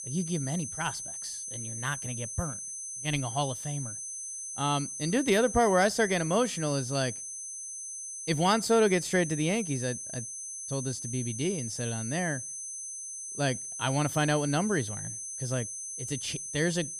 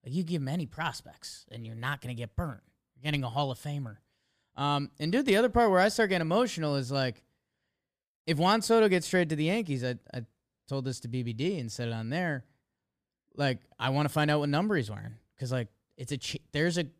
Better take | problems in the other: second | high-pitched whine; loud; throughout; 6 kHz, 6 dB below the speech

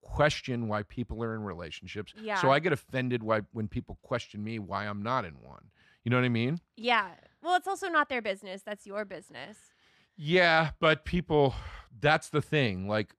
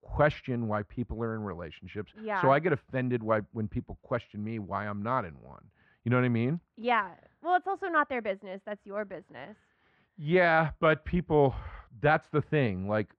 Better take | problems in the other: first | muffled; very; fading above 2 kHz

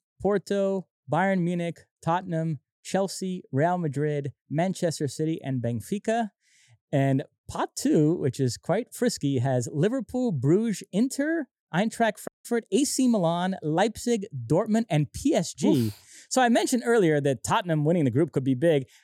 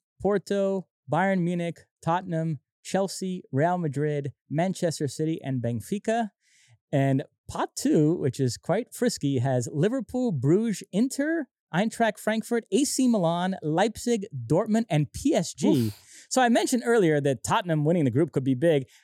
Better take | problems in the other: second | audio cutting out; at 12 s

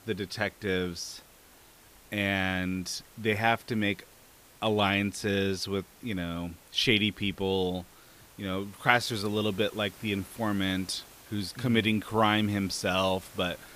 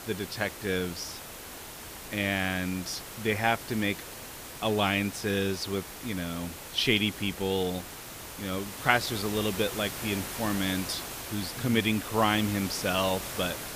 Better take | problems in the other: first | hiss; loud; throughout; 9 dB below the speech; faint in the first

